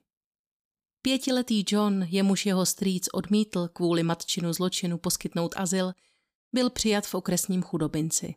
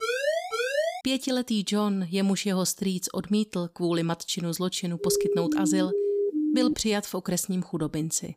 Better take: first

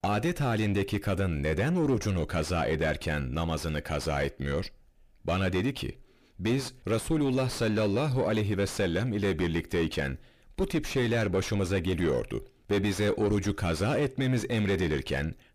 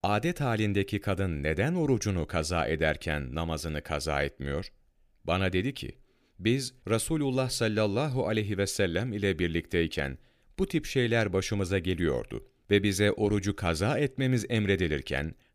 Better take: second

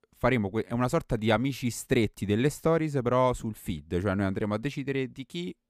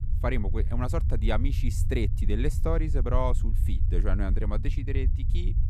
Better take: first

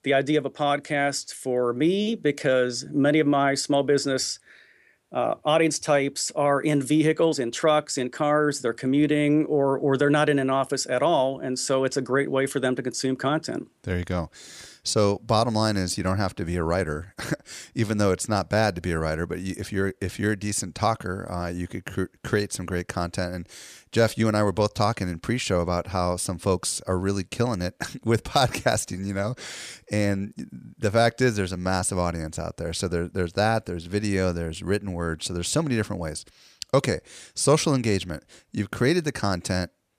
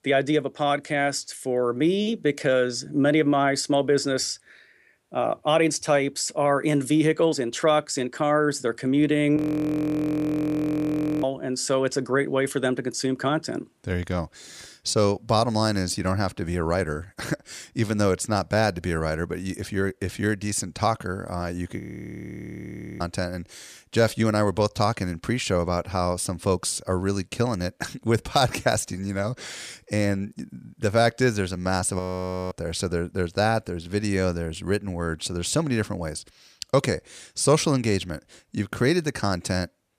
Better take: first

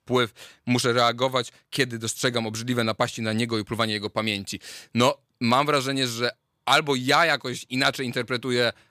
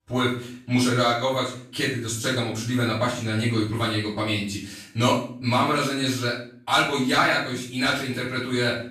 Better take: first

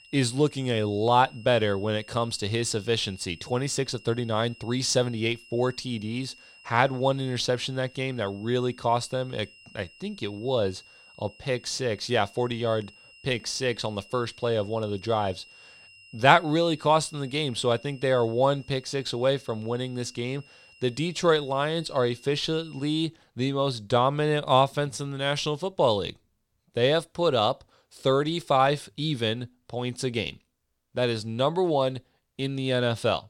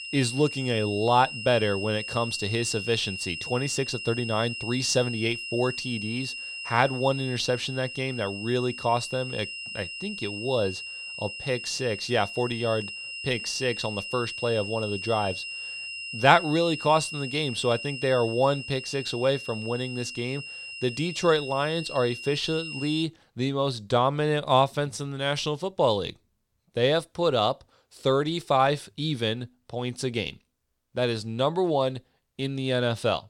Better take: first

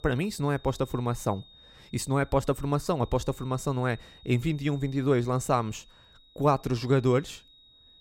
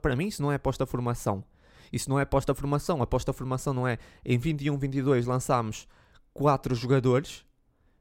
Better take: second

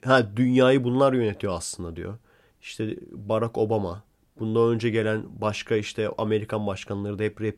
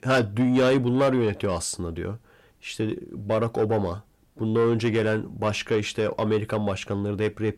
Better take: first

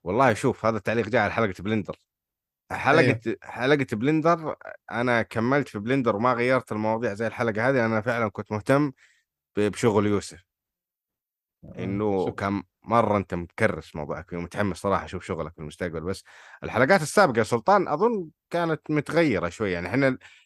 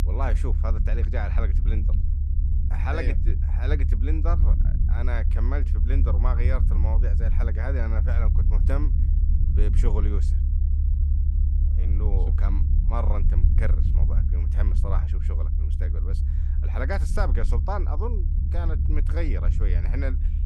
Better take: first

